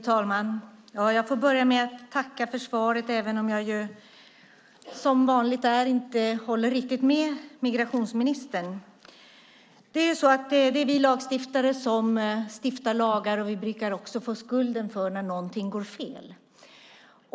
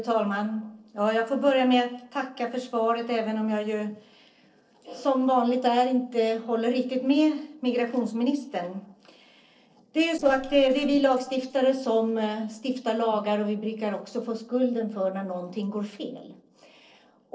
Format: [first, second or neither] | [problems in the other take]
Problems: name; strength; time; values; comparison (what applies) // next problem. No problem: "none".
first | noise reduction (neural separator model SepFormer DNS4)